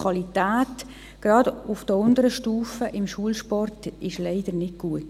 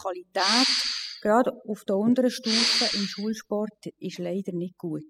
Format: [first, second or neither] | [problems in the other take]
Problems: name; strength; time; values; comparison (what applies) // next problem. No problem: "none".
first | noise reduction (classical method spectral subtraction)